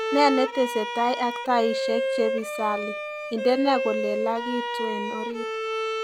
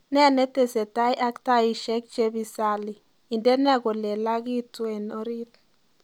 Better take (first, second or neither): second